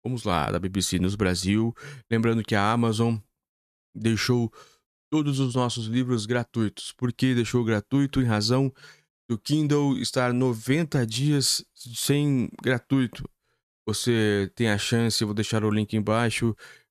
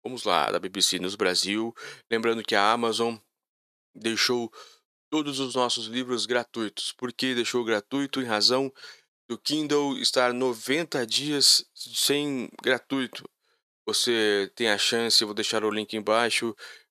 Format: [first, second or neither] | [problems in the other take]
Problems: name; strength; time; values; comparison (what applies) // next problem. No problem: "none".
first | thin; somewhat; fading below 450 Hz